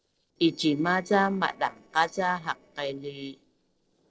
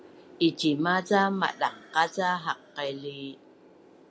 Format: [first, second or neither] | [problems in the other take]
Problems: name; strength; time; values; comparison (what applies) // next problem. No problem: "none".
second | noise reduction (neural separator model SepFormer DNS4)